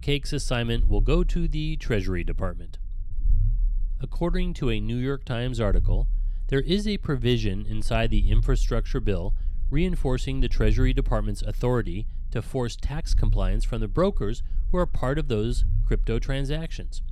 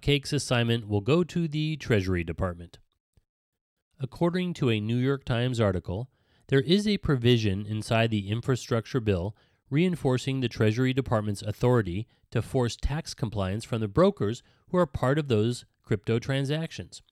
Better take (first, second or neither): second